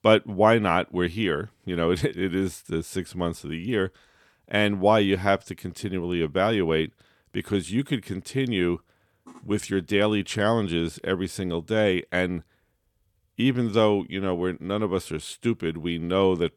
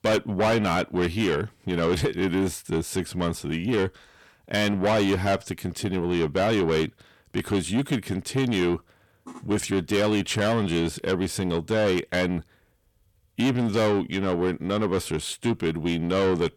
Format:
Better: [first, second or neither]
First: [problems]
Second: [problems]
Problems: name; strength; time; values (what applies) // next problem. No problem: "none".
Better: first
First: none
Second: distortion; heavy; 7 dB below the speech